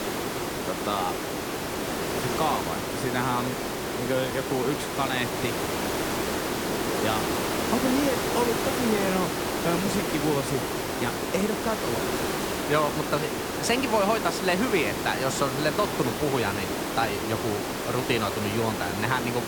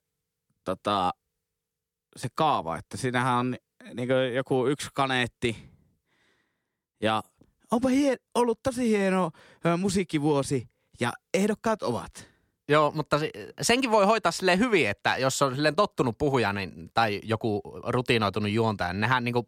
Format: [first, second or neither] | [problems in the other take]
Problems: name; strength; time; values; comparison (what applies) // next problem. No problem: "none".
second | hiss; loud; throughout; as loud as the speech